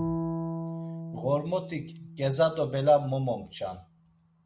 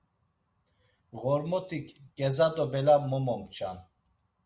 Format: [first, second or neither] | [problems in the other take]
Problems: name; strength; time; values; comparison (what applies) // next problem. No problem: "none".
second | background sound (Bowed string instrument); 8 dB below the speech